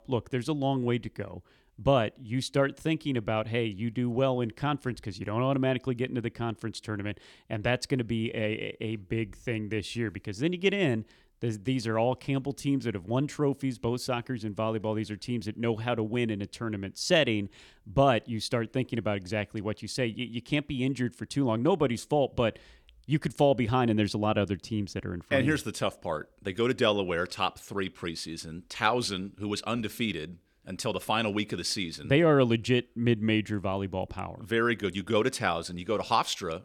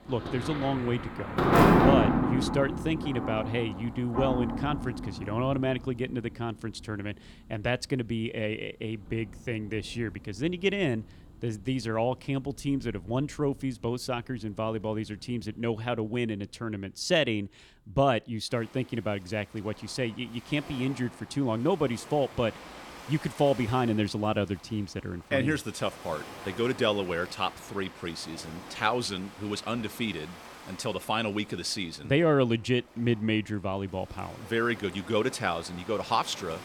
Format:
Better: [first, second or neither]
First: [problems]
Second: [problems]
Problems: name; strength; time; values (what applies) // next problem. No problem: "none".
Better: first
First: none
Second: rain or running water; loud; throughout; 1 dB below the speech